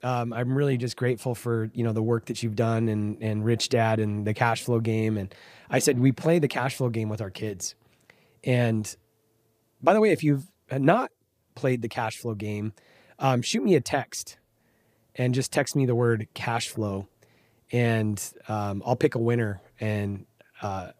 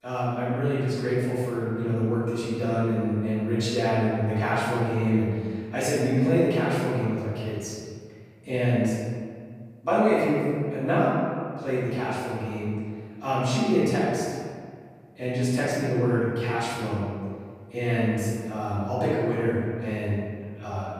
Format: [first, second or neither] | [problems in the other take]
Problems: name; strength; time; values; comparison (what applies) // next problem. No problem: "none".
first | off-mic speech; far // room echo; strong; dies away in 1.8 s